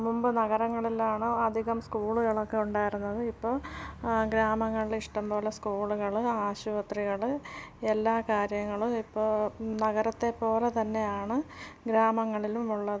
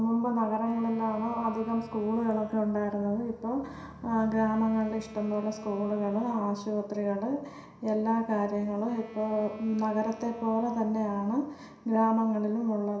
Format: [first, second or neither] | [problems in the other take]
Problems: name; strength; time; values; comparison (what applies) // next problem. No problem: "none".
first | background sound (Wind instrument, woodwind instrument); 19 dB below the speech // room echo; dies away in 0.7 s